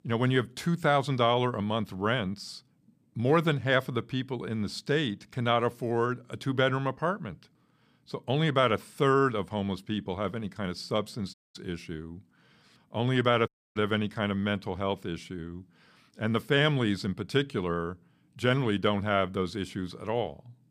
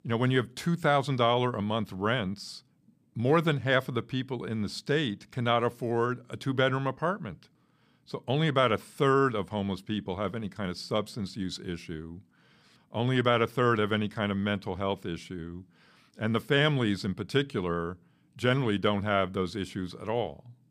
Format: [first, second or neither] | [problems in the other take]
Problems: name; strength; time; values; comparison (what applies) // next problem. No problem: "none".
second | audio cutting out; at 11 s and at 13 s